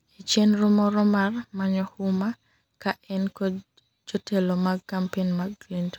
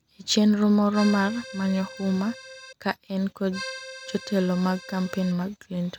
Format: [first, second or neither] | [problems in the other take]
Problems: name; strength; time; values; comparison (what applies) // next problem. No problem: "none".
first | background sound (Accordion); 14 dB below the speech